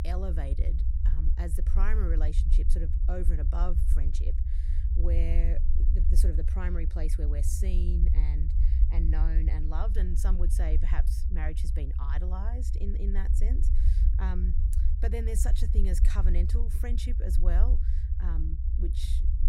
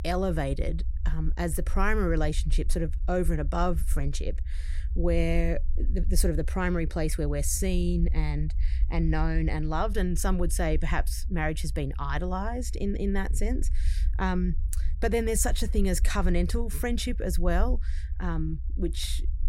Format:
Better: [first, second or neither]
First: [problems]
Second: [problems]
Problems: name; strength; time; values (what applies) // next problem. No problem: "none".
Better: second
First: low rumble; loud; throughout; 6 dB below the speech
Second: low rumble; faint; throughout; 20 dB below the speech